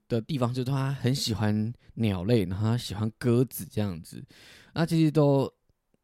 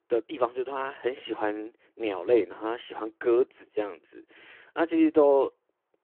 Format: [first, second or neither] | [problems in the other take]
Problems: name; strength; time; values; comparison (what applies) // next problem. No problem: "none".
first | phone-call audio